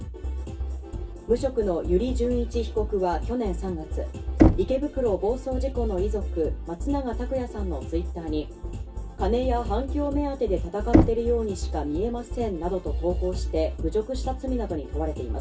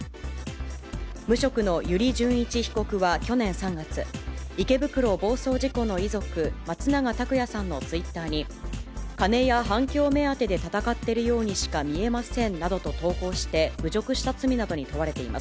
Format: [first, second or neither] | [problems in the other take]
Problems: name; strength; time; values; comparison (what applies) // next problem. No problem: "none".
second | background sound (Knock); as loud as the speech // room echo; dies away in 0.2 s